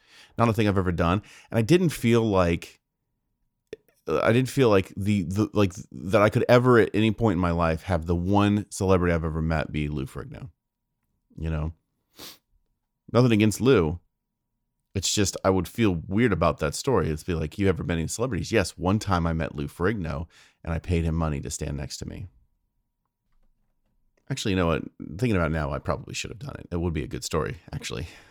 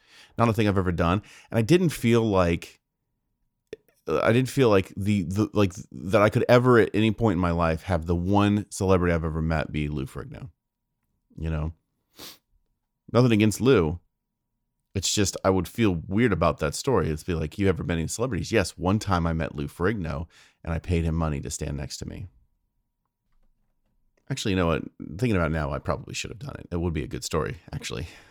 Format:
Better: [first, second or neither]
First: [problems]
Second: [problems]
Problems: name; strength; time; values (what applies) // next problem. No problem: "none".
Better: neither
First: none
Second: none